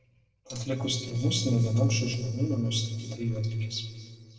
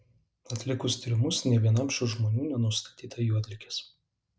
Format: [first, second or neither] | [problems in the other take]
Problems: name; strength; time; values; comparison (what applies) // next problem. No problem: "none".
second | noise reduction (neural separator model SepFormer DNS4)